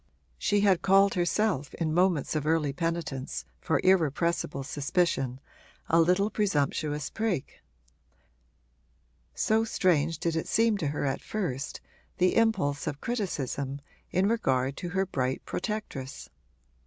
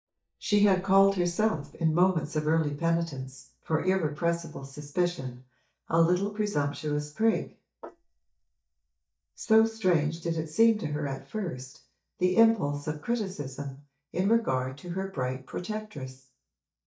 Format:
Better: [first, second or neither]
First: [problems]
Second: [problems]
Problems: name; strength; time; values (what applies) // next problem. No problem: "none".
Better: first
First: none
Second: noise reduction (neural mask model DeepFilterNet 3)